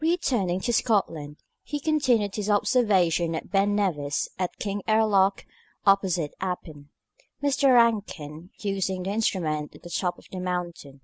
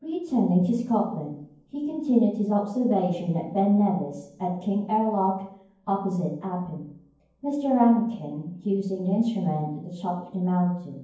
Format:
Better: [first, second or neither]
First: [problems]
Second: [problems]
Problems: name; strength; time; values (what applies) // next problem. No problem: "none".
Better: first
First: none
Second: room echo; dies away in 0.9 s